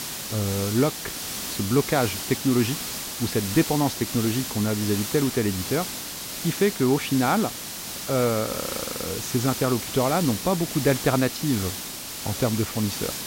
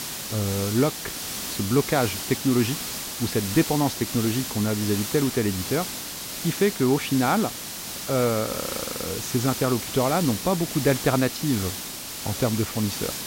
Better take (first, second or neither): neither